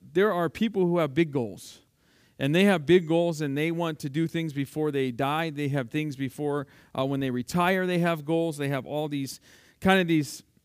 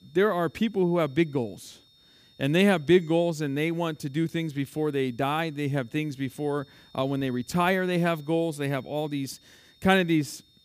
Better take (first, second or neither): first